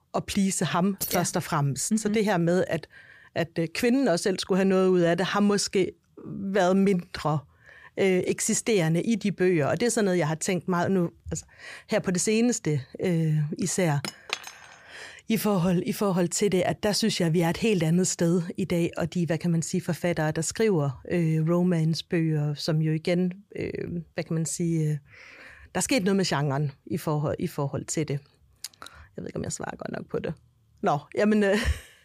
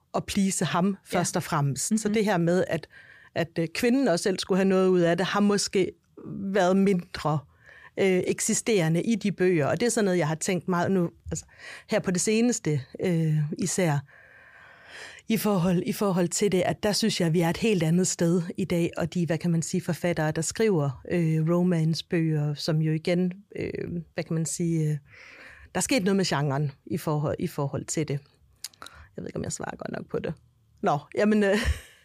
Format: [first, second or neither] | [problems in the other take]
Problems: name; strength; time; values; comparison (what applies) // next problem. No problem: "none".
second | jangling keys; noticeable; at 1 s; peak 5 dB below the speech // clattering dishes; noticeable; at 14 s; peak 7 dB below the speech